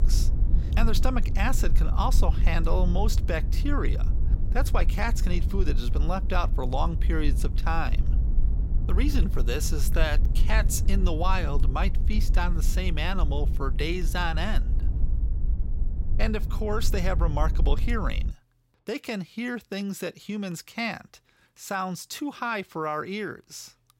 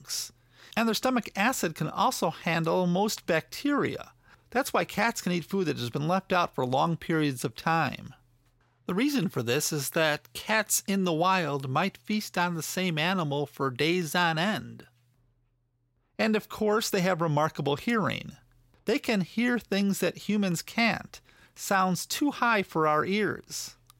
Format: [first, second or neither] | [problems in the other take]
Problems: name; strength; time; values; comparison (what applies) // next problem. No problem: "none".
second | low rumble; noticeable; until 18 s; 15 dB below the speech